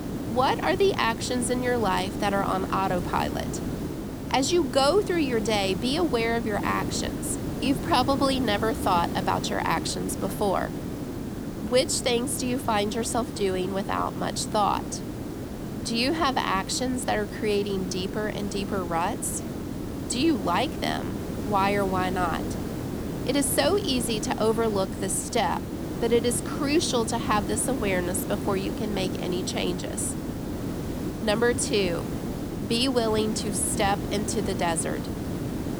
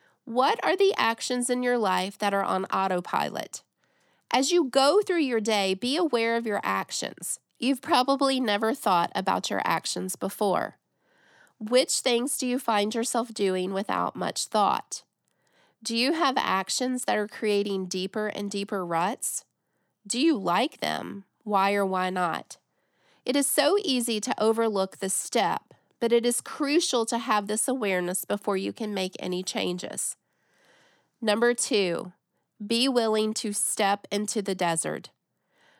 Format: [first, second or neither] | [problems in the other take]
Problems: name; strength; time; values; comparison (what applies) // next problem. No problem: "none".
second | hiss; loud; throughout; 6 dB below the speech